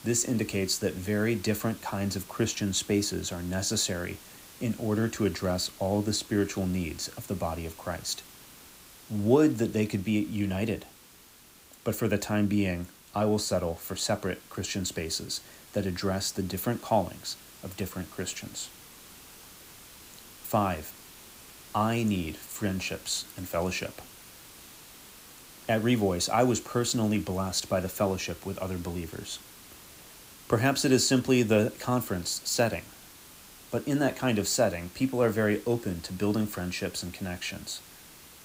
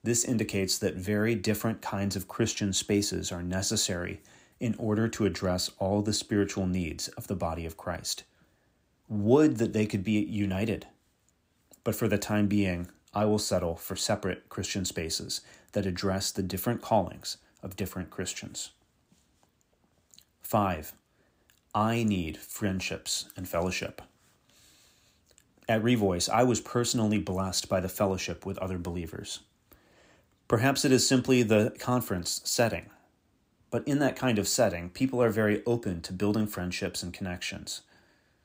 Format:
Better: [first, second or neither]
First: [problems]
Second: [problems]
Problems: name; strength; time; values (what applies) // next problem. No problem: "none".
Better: second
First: hiss; noticeable; throughout; 20 dB below the speech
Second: none